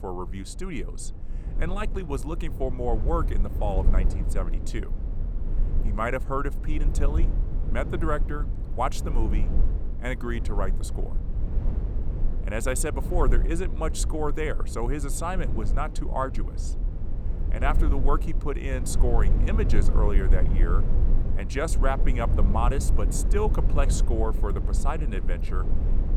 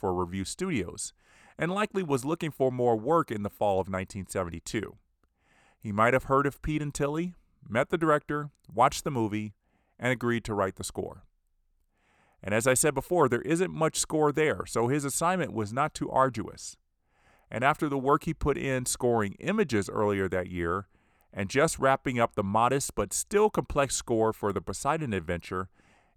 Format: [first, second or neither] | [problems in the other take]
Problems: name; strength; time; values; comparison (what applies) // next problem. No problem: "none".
second | low rumble; noticeable; throughout; 10 dB below the speech